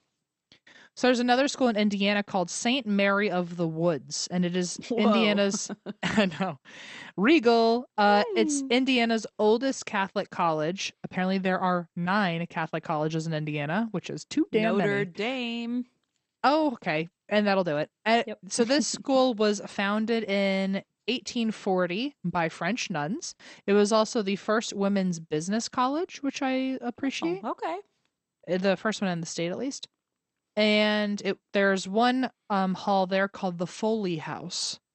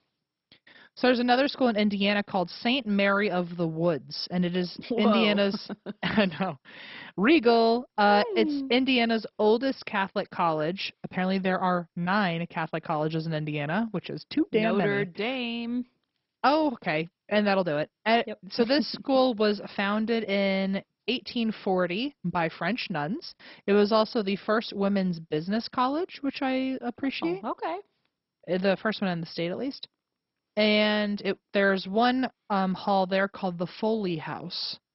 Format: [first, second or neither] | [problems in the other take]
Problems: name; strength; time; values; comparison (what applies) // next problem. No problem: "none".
first | garbled, watery; badly; nothing above 5.5 kHz; slightly in the first